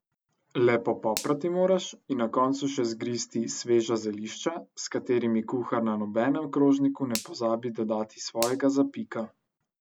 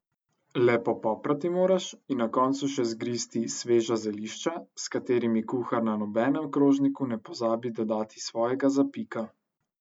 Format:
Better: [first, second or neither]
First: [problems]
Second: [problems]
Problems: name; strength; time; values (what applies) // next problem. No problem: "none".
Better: second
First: background sound (Finger snapping); 14 dB below the speech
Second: none